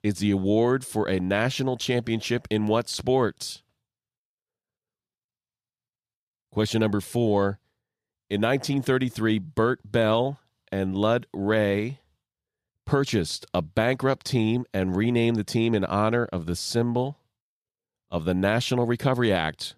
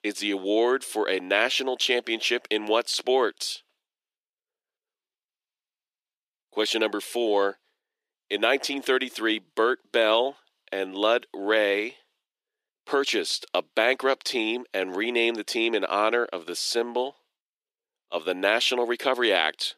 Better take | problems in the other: first | thin; somewhat; fading below 300 Hz

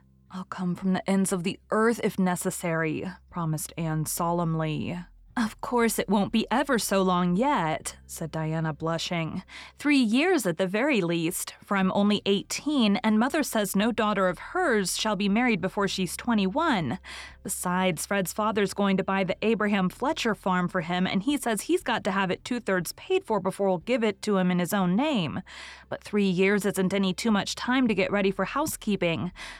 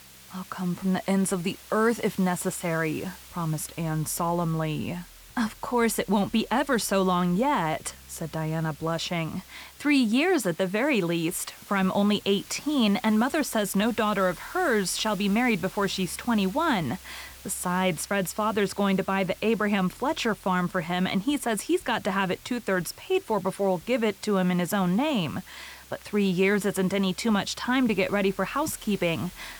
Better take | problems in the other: first | hiss; faint; throughout; 20 dB below the speech

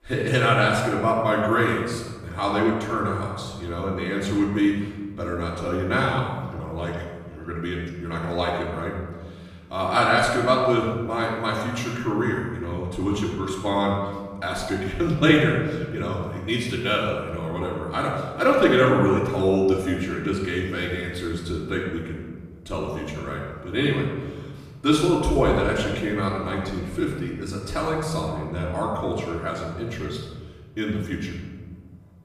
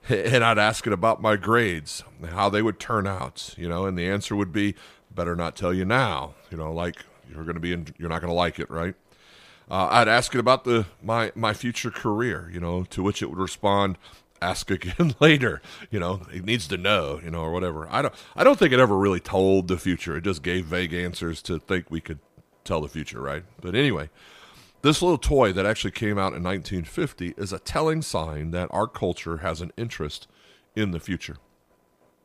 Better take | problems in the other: second | off-mic speech; far // room echo; noticeable; dies away in 1.4 s

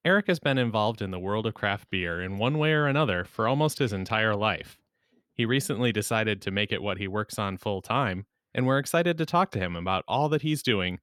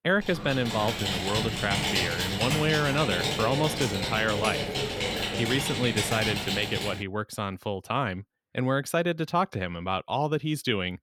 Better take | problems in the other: first | keyboard typing; loud; until 7 s; peak 3 dB above the speech

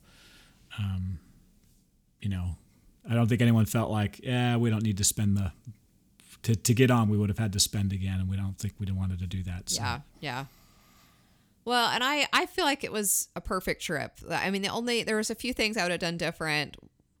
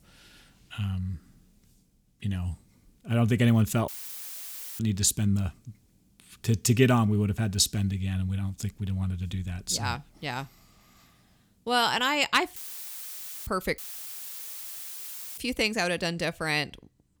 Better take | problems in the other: first | audio cutting out; filled with static; at 4 s for 1 s, at 13 s for 1 s and at 14 s for 1.5 s

